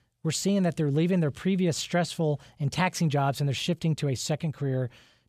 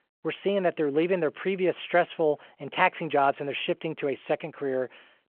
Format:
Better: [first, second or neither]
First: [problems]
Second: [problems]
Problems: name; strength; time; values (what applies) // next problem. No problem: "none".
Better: first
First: none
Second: phone-call audio